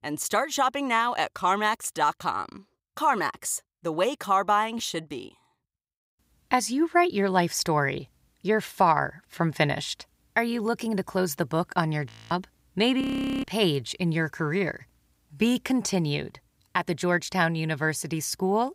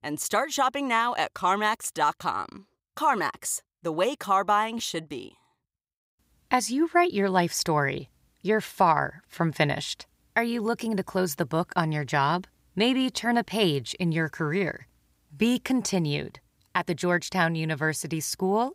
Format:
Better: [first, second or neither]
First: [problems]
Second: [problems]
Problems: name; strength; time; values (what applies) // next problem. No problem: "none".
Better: second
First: audio freezing; at 12 s and at 13 s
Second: none